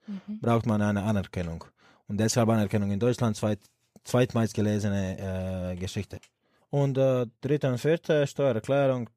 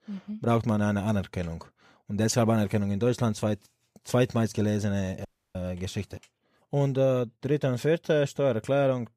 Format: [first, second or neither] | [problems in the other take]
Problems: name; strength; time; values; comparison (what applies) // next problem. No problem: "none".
first | audio cutting out; at 5.5 s